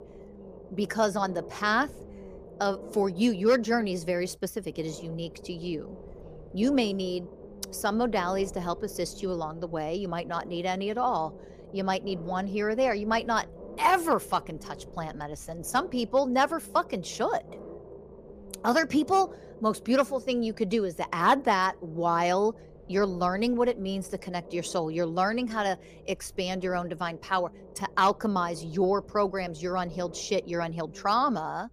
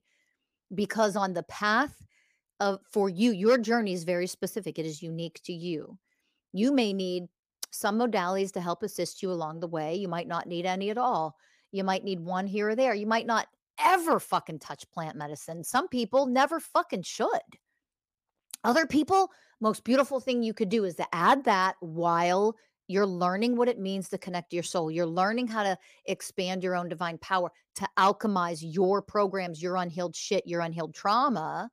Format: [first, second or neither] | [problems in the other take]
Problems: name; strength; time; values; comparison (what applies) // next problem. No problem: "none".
second | low rumble; faint; throughout; 20 dB below the speech